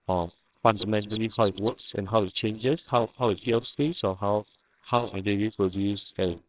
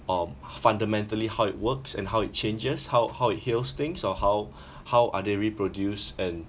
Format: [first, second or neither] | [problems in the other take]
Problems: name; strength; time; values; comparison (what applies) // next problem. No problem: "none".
second | noise reduction (neural separator model SepFormer WHAMR!)